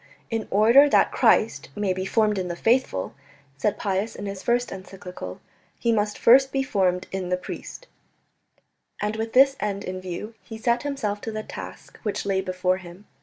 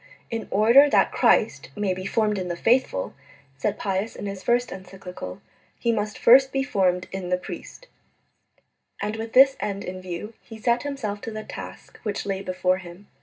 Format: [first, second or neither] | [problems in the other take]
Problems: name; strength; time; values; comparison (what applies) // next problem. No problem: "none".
first | room echo; dies away in 0.2 s